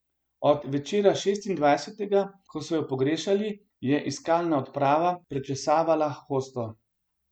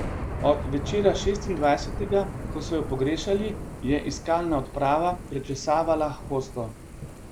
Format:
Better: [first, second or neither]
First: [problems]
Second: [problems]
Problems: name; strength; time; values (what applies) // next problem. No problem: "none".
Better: first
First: none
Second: background sound (Thunder / Rain); 8 dB below the speech